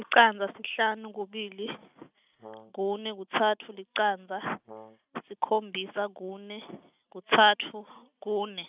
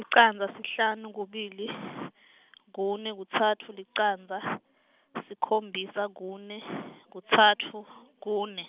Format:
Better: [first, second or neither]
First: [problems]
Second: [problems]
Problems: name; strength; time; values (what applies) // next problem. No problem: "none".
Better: second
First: noise reduction (neural mask model RNNoise)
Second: none